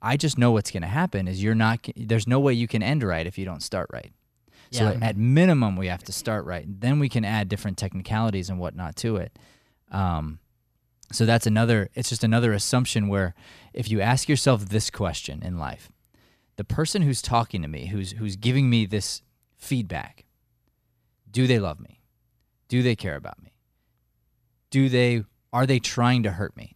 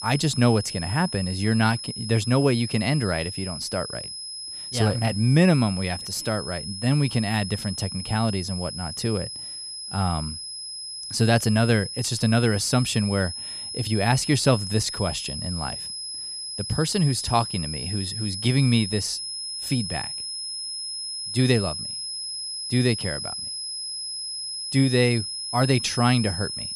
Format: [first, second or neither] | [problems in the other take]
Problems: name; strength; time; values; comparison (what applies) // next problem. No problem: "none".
first | high-pitched whine; loud; throughout; 5 kHz, 7 dB below the speech